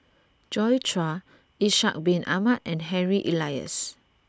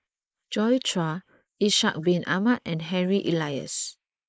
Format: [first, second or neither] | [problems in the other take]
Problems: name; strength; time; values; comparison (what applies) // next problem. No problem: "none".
first | noise reduction (neural mask model Resemble Enhance denoiser)